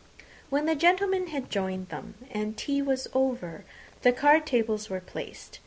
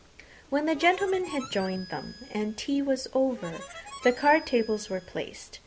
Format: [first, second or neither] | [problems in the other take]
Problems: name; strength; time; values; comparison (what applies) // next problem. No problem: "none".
first | background sound (Harmonica); 17 dB below the speech